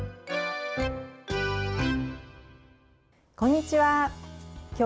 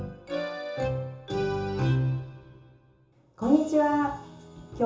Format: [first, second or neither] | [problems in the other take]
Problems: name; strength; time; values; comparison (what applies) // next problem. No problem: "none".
first | room echo; dies away in 0.6 s